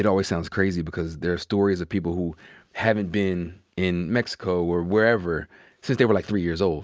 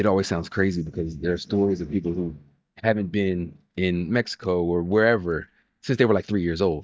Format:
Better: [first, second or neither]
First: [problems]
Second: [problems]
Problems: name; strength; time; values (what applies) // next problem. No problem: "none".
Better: first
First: none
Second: noise reduction (neural mask model DeepFilterNet 3)